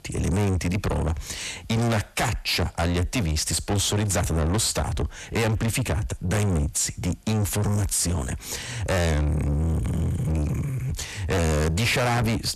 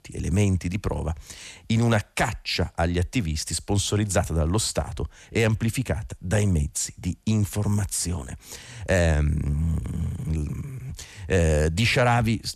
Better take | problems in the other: second | distortion; heavy; 6 dB below the speech

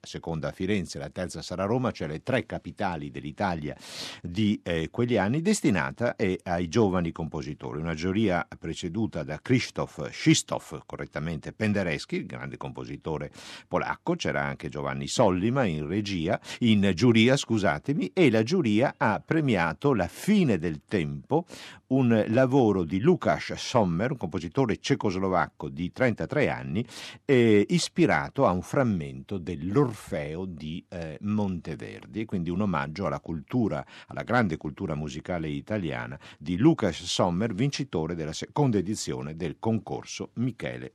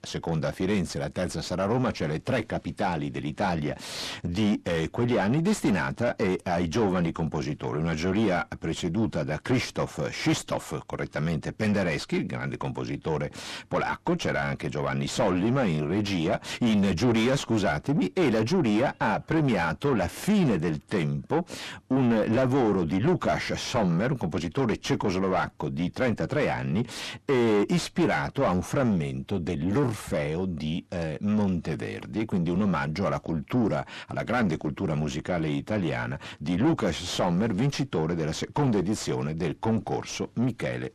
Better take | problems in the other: first | distortion; heavy; 6 dB below the speech

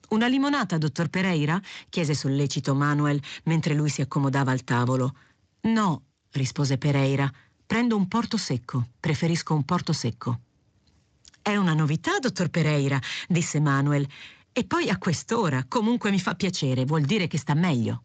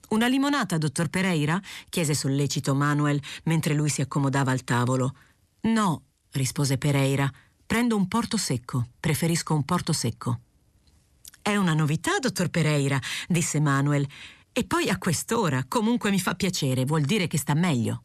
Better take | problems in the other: second | garbled, watery; slightly; nothing above 7.5 kHz

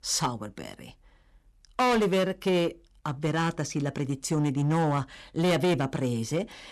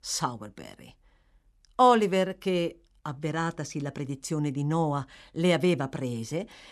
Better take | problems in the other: second | distortion; heavy; 9% of the sound clipped

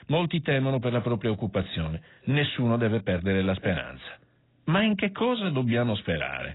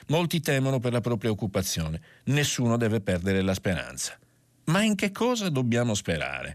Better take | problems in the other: second | garbled, watery; badly; nothing above 4 kHz

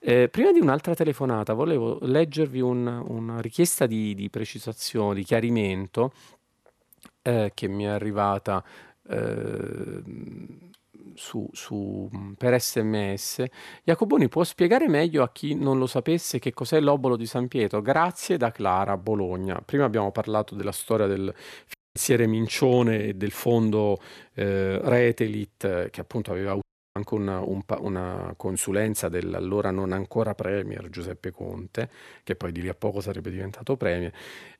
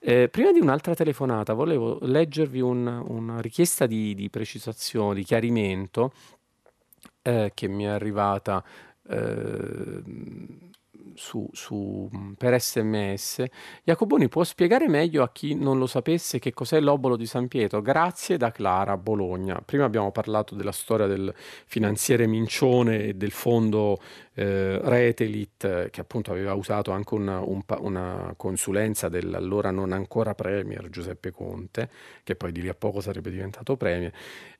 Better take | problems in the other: second | audio cutting out; at 22 s and at 27 s

